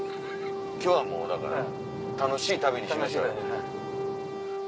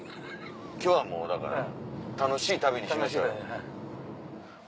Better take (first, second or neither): second